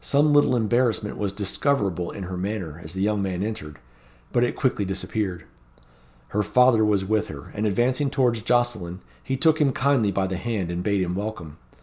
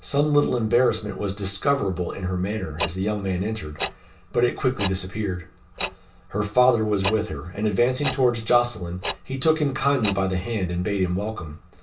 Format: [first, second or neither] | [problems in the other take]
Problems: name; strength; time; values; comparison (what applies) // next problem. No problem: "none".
first | background sound (Tick-tock); 12 dB below the speech // room echo; dies away in 0.2 s